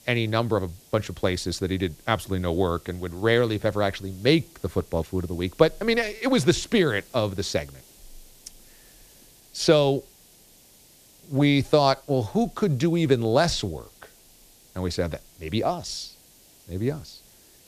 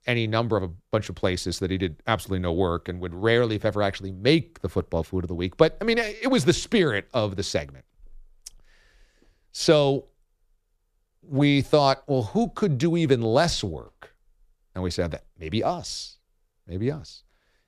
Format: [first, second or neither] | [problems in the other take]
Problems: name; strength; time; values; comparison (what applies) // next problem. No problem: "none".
second | hiss; faint; throughout; 25 dB below the speech